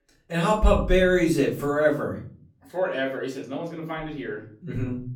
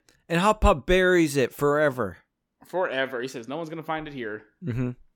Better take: second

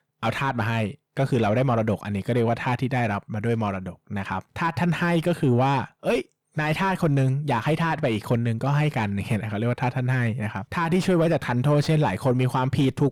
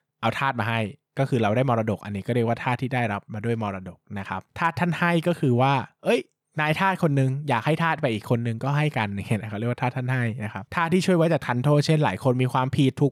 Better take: second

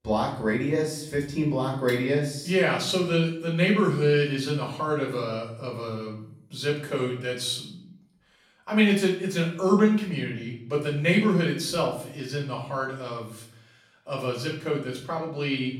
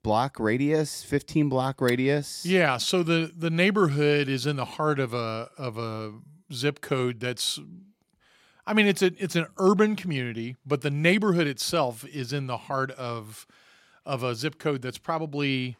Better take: second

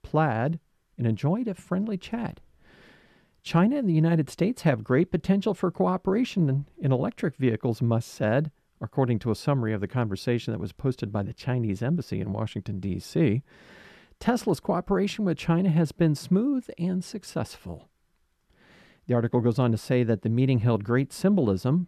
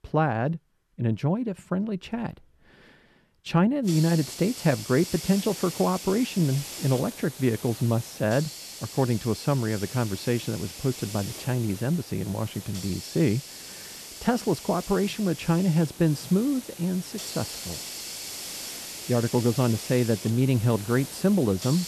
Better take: first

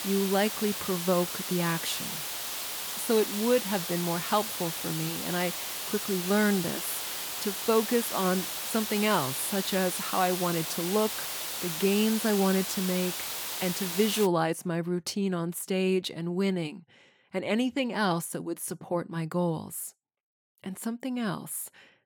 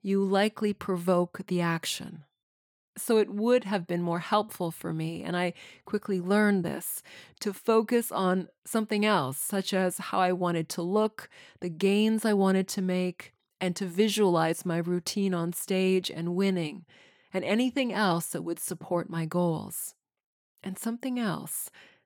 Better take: second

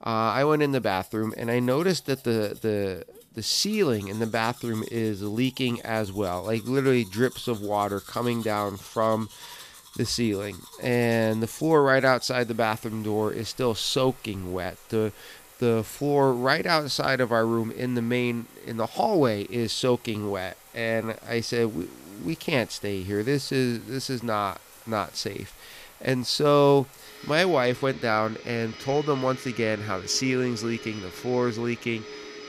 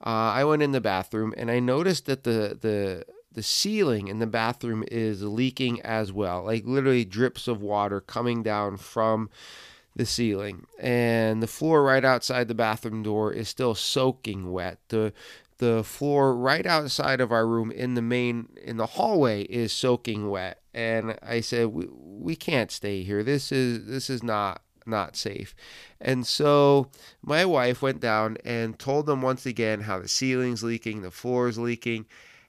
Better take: second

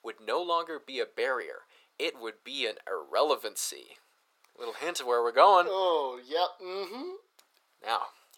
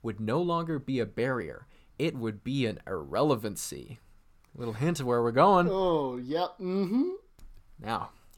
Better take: second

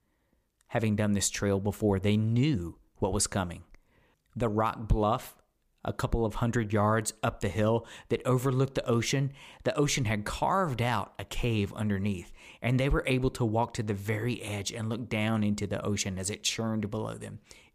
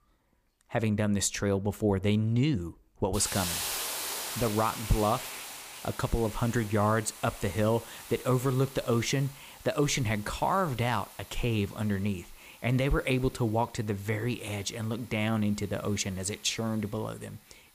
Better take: first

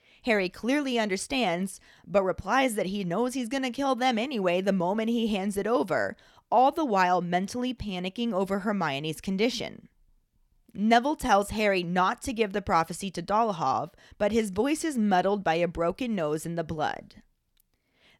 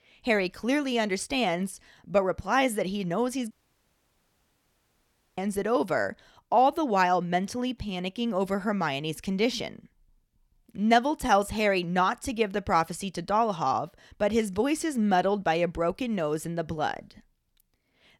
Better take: first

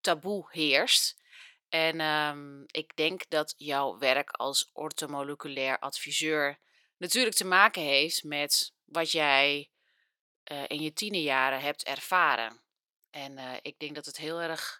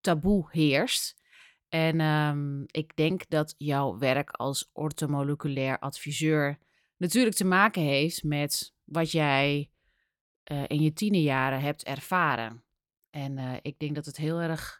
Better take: second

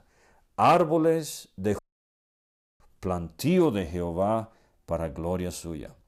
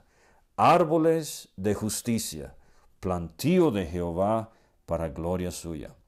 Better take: second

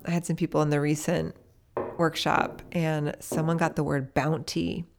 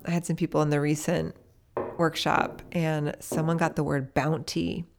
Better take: neither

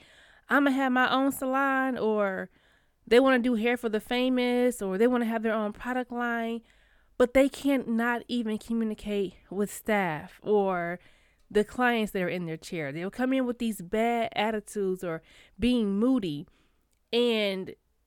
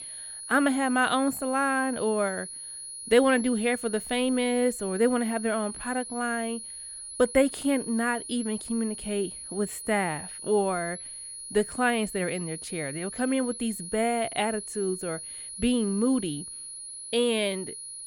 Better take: first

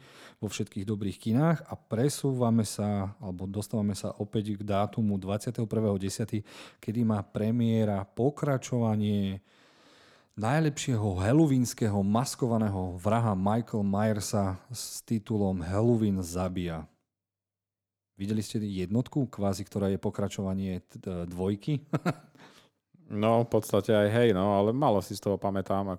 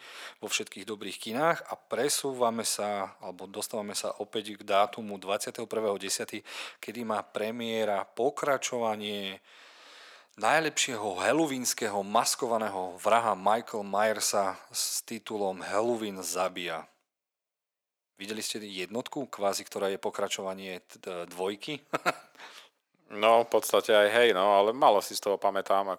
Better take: first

